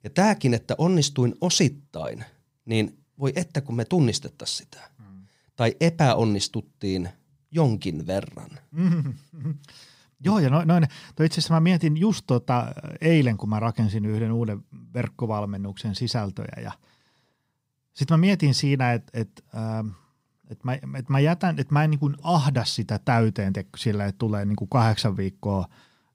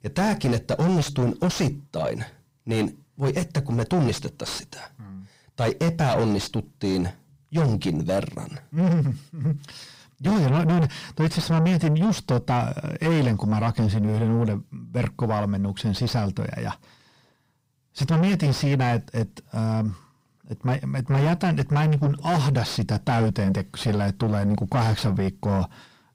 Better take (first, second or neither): first